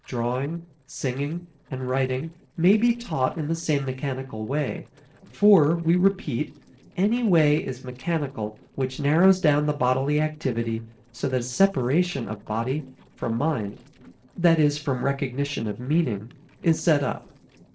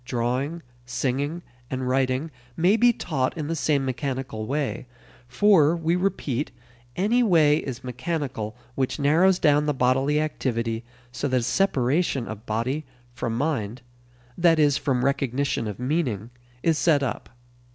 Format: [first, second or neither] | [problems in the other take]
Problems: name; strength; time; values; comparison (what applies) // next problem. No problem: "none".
second | noise reduction (neural separator model SepFormer DNS4)